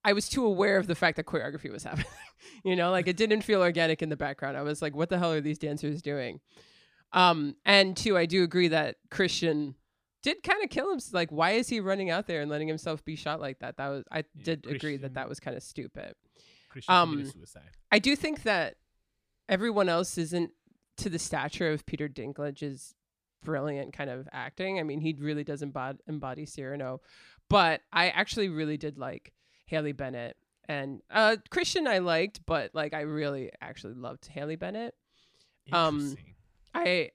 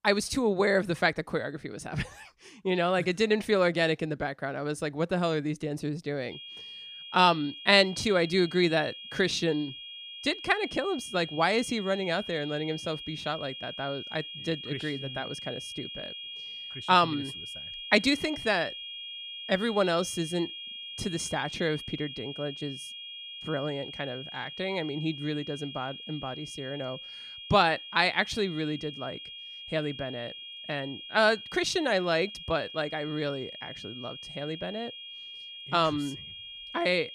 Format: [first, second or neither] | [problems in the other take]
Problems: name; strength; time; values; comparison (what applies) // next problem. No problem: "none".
first | high-pitched whine; noticeable; from 6.5 s on; 3.5 kHz, 10 dB below the speech